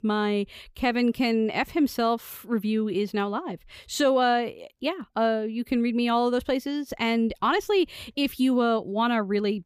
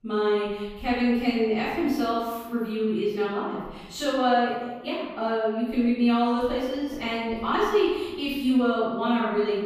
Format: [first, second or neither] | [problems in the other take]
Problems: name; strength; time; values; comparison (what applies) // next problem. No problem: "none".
first | off-mic speech; far // room echo; strong; dies away in 1.1 s